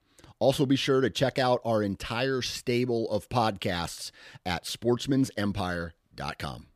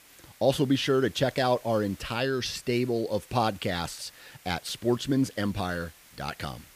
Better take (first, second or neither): first